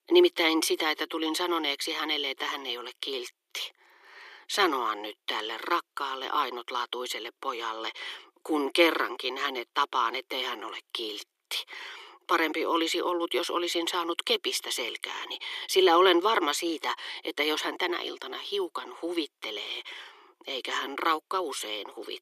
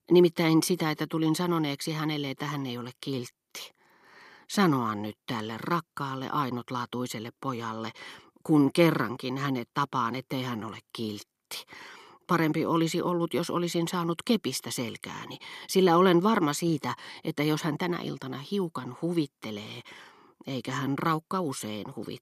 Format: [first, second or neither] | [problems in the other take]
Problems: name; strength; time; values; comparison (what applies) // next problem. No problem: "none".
second | thin; very; fading below 350 Hz